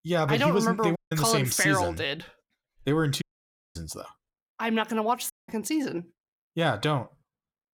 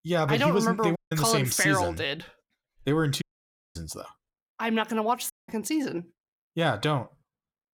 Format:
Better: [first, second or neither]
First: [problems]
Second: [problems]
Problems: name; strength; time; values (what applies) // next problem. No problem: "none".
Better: neither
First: audio cutting out; at 1 s, at 3 s for 0.5 s and at 5.5 s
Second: audio cutting out; at 1 s, at 3 s for 0.5 s and at 5.5 s